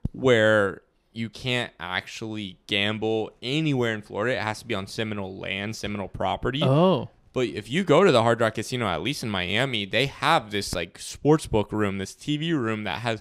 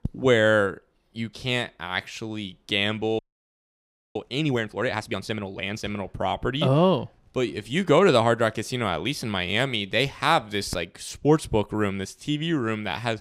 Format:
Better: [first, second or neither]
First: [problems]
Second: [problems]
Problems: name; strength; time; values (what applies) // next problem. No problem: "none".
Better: first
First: none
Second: audio freezing; at 3 s for 1 s